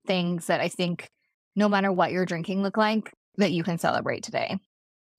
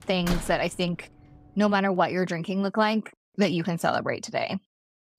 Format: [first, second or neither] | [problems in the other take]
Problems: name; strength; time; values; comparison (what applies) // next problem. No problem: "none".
first | door banging; noticeable; at the start; peak 7 dB below the speech